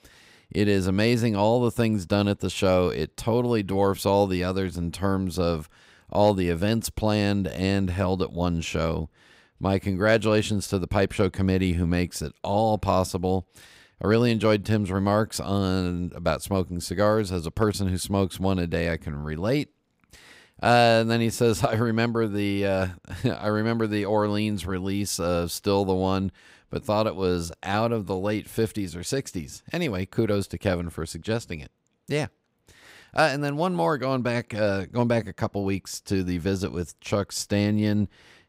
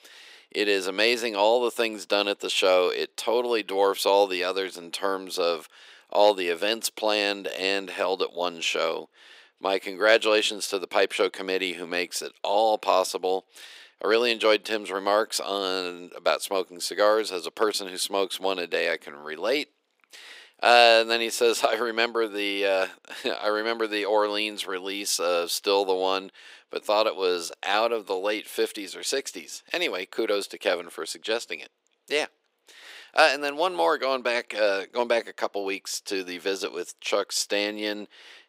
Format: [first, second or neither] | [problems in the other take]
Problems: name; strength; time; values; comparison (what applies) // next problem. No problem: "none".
first | thin; very; fading below 350 Hz